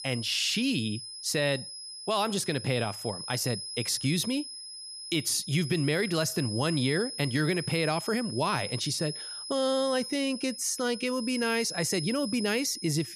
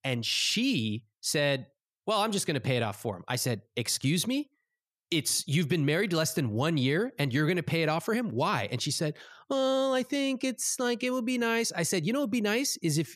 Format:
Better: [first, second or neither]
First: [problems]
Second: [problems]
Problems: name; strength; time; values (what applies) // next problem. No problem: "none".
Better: second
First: high-pitched whine; loud; throughout; 5 kHz, 8 dB below the speech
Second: none